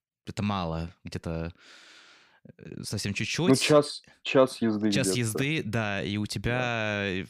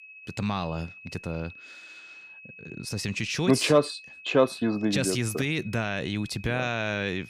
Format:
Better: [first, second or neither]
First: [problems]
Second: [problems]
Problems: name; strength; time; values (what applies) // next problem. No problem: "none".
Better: first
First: none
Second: high-pitched whine; noticeable; throughout; 2.5 kHz, 20 dB below the speech